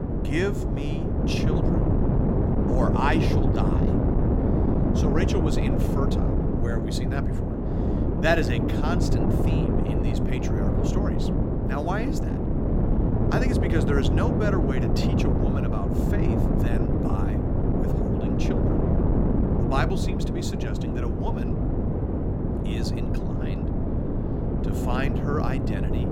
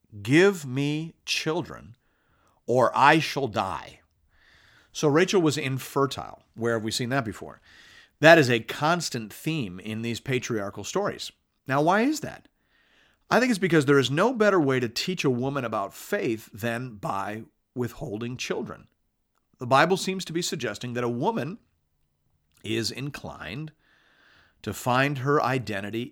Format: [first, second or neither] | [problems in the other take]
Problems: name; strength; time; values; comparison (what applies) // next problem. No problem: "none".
second | wind noise on the microphone; heavy; 1 dB above the speech